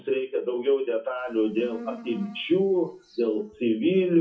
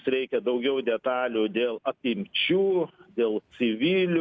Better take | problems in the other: second | noise reduction (classical method WPE with log-MMSE)

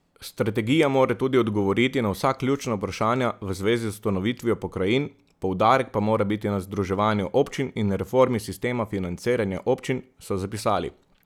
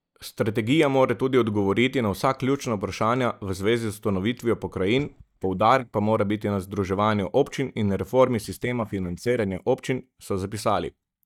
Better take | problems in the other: first | noise reduction (neural mask model DeepFilterNet 3)

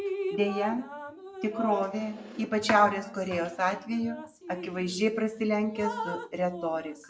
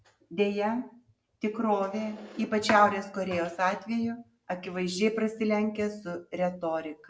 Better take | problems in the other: second | background sound (Drip); 10 dB below the speech

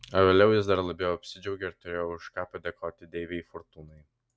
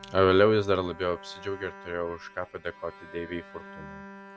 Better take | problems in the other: first | background sound (Bowed string instrument); 18 dB below the speech

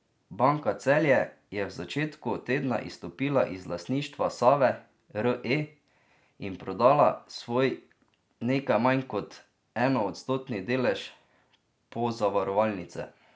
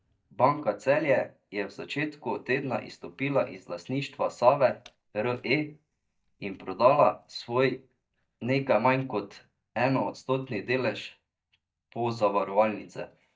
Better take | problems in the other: first | noise reduction (neural mask model DeepFilterNet 3)

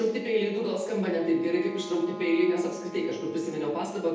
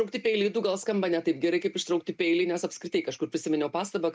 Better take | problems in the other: second | background sound (Wind instrument, woodwind instrument); 17 dB below the speech // room echo; dies away in 0.8 s

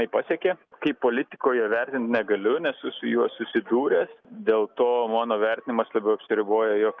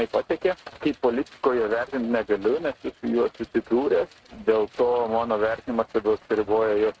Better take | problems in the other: first | noise reduction (neural mask model RNNoise)

